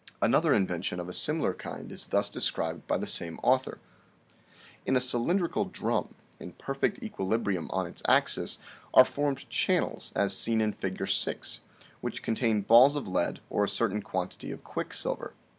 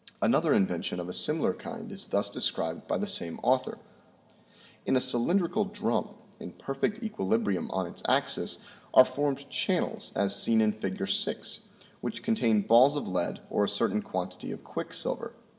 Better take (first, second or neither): first